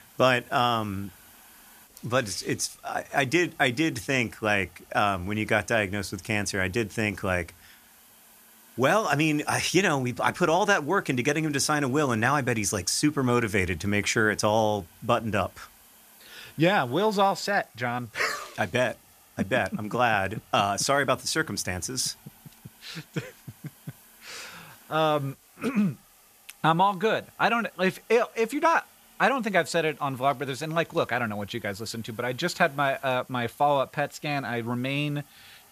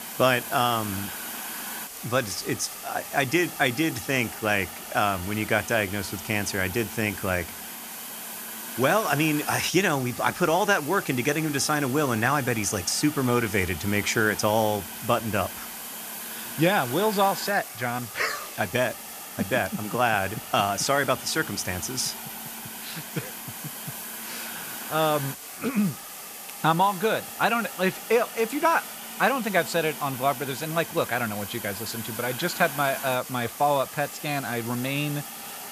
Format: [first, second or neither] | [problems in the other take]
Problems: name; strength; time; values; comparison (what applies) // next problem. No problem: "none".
first | hiss; loud; throughout; 9 dB below the speech; faint in the first